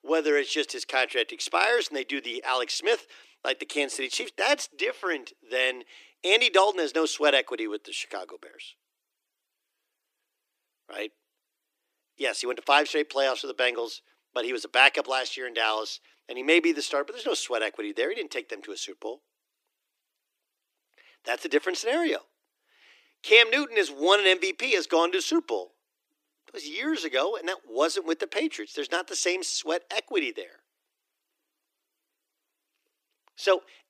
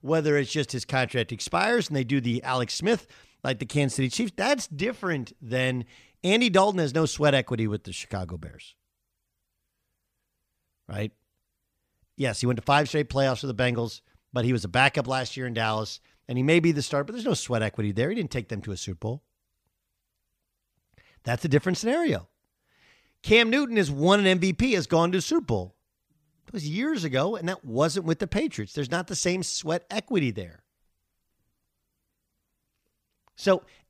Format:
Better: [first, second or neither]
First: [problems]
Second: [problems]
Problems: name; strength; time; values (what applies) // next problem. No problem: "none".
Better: second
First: thin; very; fading below 300 Hz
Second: none